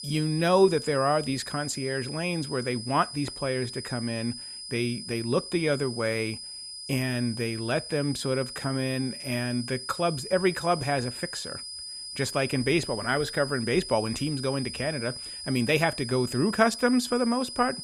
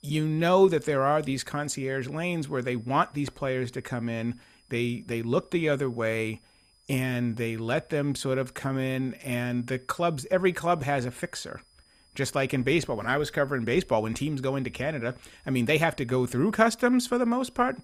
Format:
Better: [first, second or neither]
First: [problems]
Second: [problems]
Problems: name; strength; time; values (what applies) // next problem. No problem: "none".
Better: second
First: high-pitched whine; loud; throughout; 5 kHz, 9 dB below the speech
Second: high-pitched whine; faint; throughout; 5 kHz, 35 dB below the speech